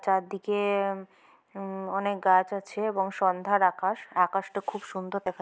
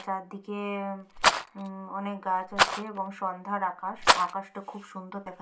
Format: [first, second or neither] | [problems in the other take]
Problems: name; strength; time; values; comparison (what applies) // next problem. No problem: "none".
first | background sound (Rattle); 3 dB above the speech // room echo; dies away in 0.2 s